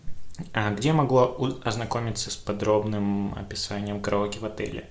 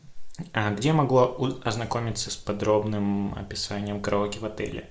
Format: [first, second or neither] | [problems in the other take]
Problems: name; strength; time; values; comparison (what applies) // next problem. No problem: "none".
first | noise reduction (neural mask model Resemble Enhance denoiser)